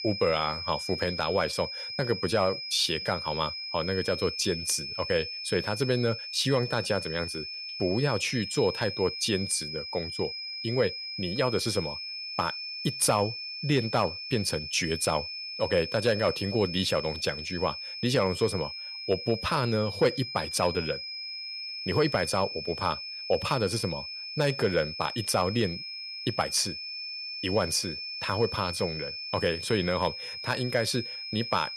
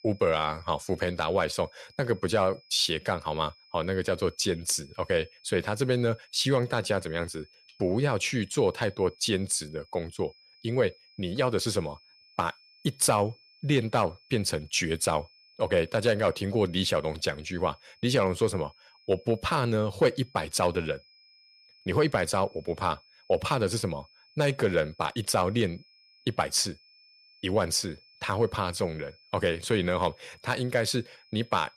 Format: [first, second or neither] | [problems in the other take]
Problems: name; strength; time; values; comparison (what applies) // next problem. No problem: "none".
second | high-pitched whine; loud; throughout; 5 kHz, 6 dB below the speech; faint in the second